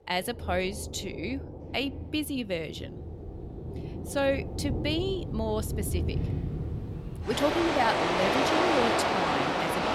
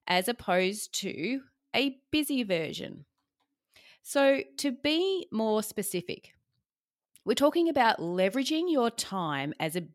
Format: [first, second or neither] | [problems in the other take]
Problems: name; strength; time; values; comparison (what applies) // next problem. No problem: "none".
second | rain or running water; very loud; throughout; 1 dB above the speech